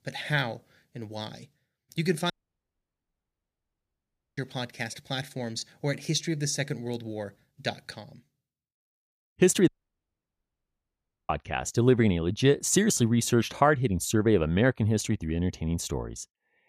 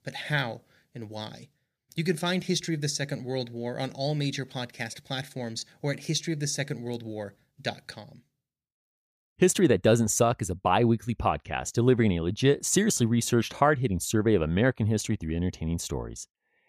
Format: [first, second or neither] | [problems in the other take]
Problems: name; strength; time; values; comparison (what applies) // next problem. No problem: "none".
second | audio cutting out; at 2.5 s for 2 s and at 9.5 s for 1.5 s